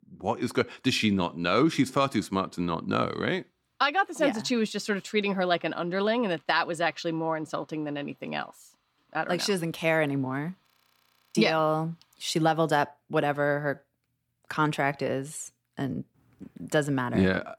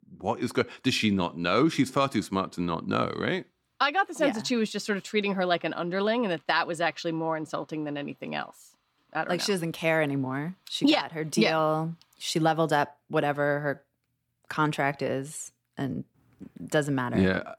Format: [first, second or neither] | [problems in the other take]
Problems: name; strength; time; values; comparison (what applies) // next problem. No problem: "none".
second | audio freezing; at 11 s for 0.5 s